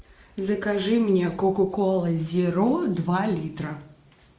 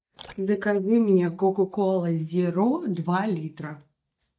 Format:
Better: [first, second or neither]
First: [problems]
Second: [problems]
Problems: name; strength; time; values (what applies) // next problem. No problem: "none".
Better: first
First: none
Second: noise reduction (neural mask model DeepFilterNet 3)